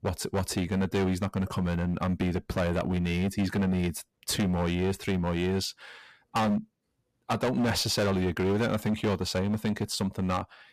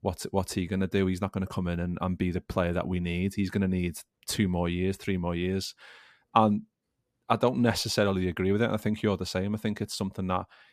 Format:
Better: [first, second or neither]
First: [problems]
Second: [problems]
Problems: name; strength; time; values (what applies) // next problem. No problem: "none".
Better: second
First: distortion; heavy; 14% of the sound clipped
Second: none